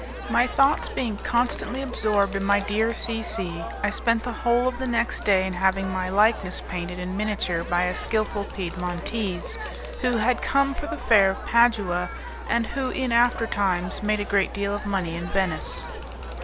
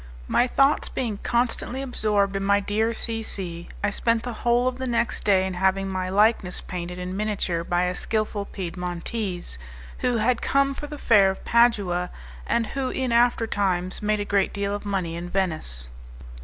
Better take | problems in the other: second | background sound (Crowd); 12 dB below the speech

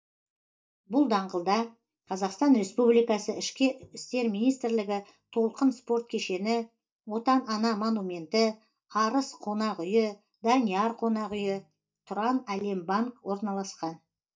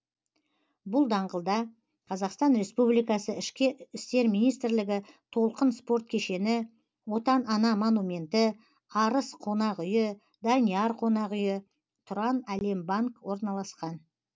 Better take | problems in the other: second | noise reduction (neural mask model DeepFilterNet 3)

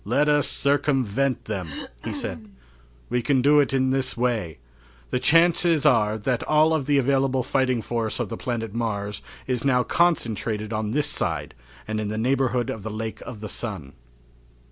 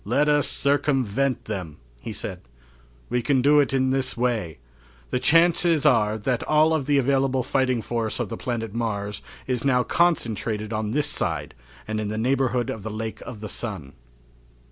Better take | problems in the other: second | background sound (Cough); 11 dB below the speech

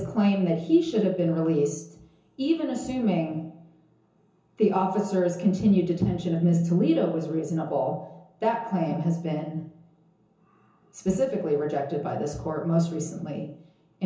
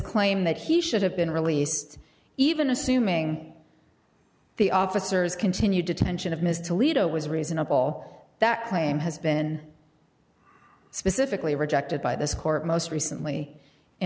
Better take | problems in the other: second | room echo; dies away in 0.6 s

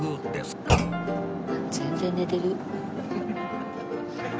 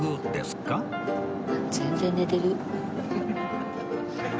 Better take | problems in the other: second | background sound (Thump, thud); 3 dB below the speech

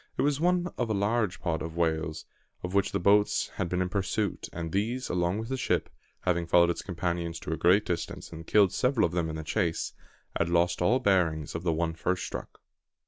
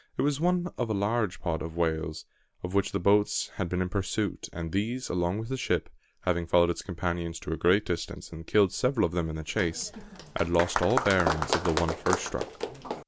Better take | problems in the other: first | background sound (Applause); 4 dB below the speech

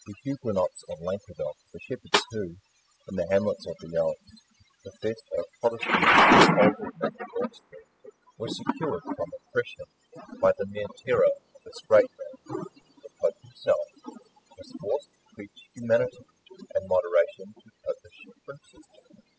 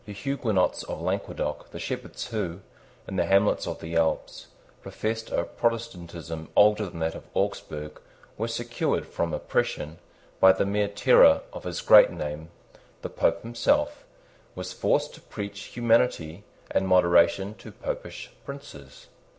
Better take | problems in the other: second | noise reduction (classical method spectral subtraction)

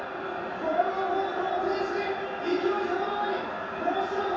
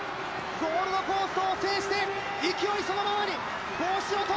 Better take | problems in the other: second | room echo; dies away in 0.7 s

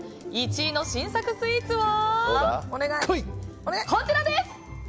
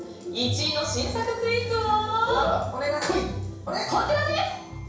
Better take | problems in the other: first | room echo; dies away in 0.7 s

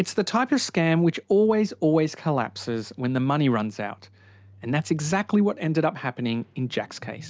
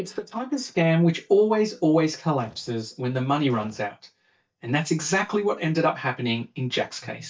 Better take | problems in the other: first | noise reduction (neural mask model DeepFilterNet 3)

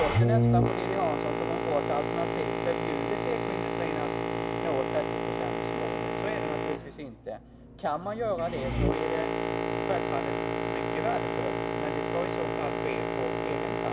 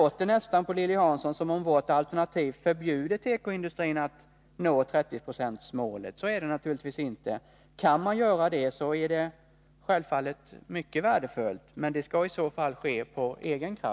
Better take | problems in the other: second | background sound (Boat, Water vehicle); 5 dB above the speech // room echo; dies away in 0.9 s

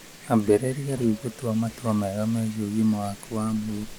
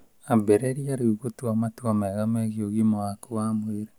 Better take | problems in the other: second | background sound (Subway, metro, underground + Wind); 18 dB below the speech

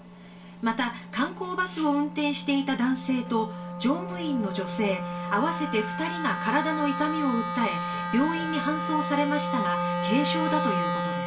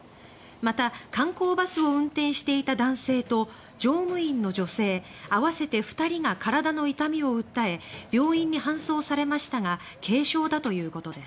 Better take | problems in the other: second | background sound (Wind instrument, woodwind instrument); 3 dB below the speech // room echo; dies away in 0.2 s

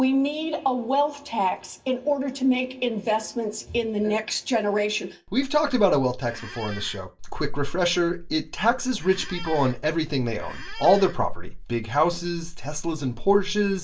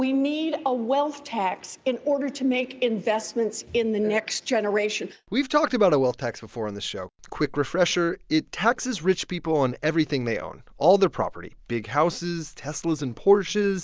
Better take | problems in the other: second | background sound (Squeak); 16 dB below the speech // room echo; dies away in 0.2 s

